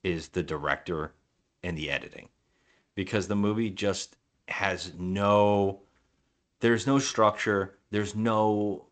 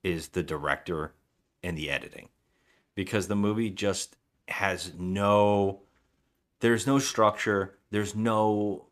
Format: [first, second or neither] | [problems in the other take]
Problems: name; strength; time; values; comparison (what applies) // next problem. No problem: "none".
second | garbled, watery; slightly; nothing above 8 kHz